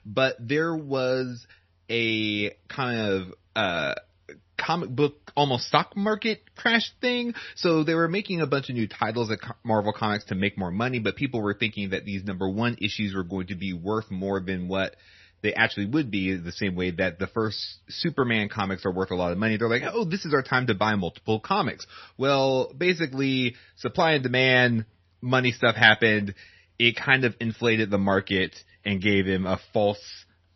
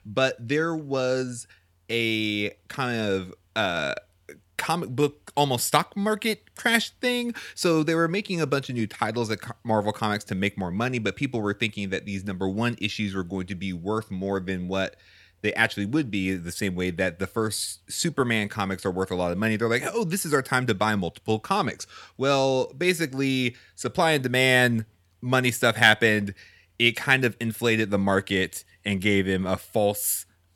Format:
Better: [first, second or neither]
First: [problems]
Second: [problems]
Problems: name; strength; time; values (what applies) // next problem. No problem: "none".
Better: second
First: garbled, watery; slightly; nothing above 6 kHz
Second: none